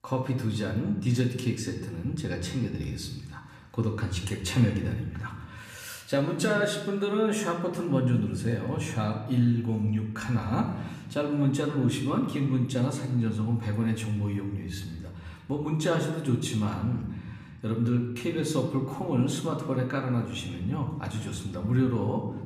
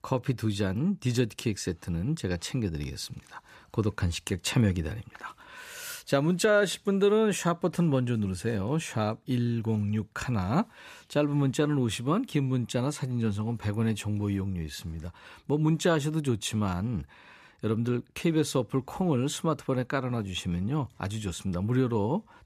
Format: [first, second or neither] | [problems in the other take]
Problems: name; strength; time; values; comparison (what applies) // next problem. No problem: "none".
second | room echo; slight; dies away in 1 s // off-mic speech; somewhat distant